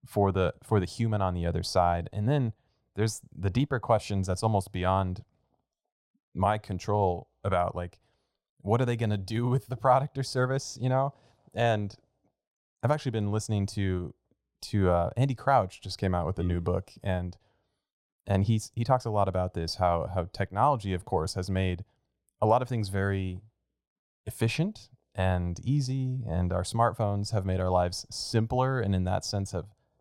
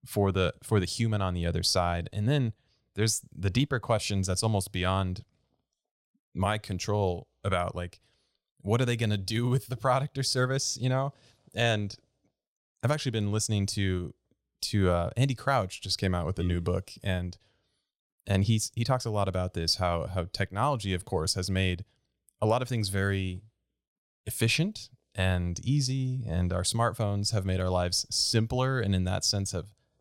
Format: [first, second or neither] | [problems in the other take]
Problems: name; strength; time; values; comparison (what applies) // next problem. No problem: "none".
second | muffled; slightly; fading above 2 kHz